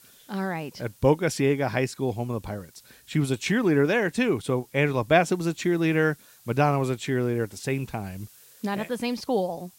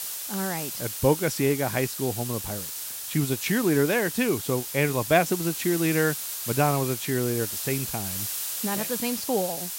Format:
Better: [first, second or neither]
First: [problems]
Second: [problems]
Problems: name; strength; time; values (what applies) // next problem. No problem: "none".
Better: first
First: hiss; faint; throughout; 25 dB below the speech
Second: hiss; loud; throughout; 4 dB below the speech